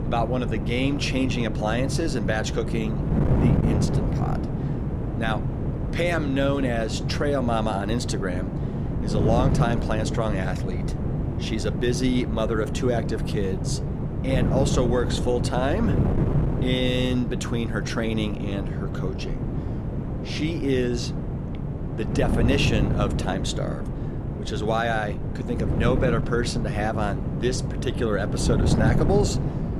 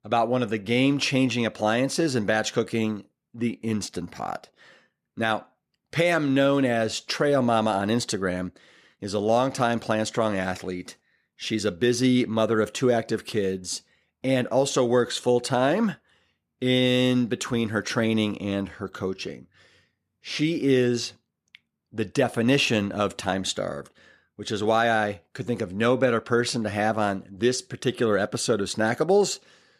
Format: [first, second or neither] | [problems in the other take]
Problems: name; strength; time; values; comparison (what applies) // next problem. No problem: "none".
second | wind noise on the microphone; heavy; 6 dB below the speech